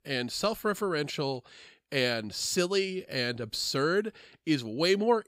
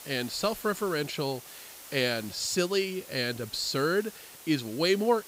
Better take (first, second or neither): first